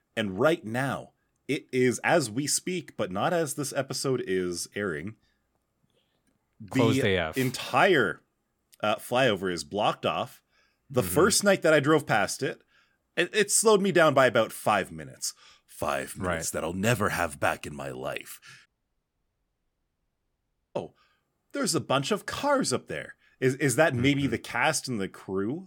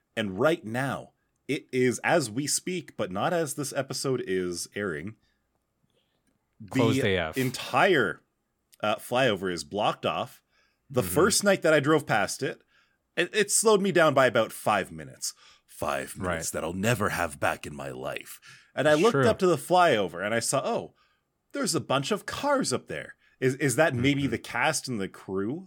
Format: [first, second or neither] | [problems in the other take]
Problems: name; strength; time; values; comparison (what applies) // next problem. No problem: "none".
second | audio cutting out; at 19 s for 2 s